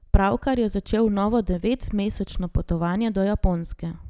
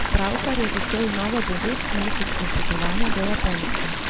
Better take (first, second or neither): first